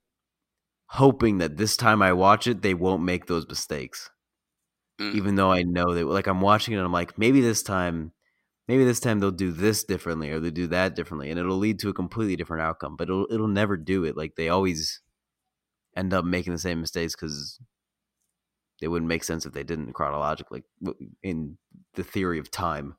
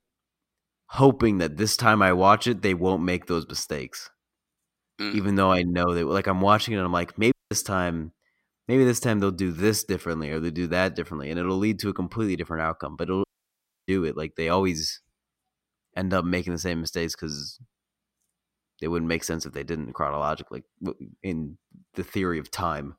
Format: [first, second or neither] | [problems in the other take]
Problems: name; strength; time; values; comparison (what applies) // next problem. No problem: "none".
first | audio cutting out; at 7.5 s and at 13 s for 0.5 s